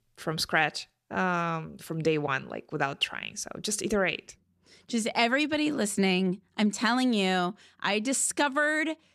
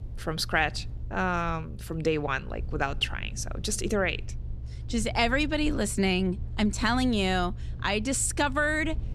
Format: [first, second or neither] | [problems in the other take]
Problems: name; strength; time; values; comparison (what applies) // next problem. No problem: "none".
first | low rumble; faint; throughout; 25 dB below the speech